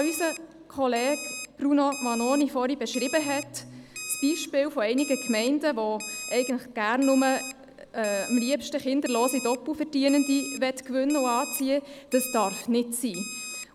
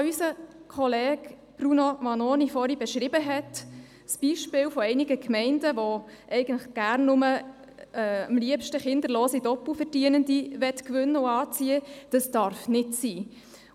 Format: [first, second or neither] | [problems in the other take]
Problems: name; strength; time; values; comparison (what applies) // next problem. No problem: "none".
second | background sound (Alarm); 12 dB below the speech